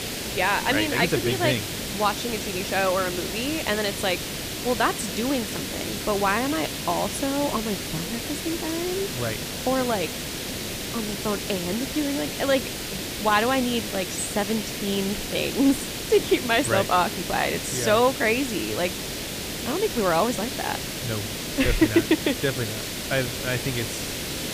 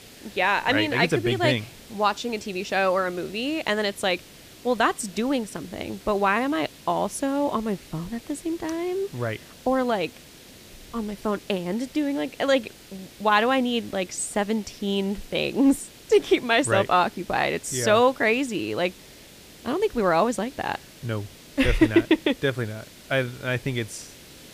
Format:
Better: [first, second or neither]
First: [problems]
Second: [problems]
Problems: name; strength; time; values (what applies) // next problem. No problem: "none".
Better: second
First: hiss; loud; throughout; 4 dB below the speech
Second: hiss; faint; throughout; 20 dB below the speech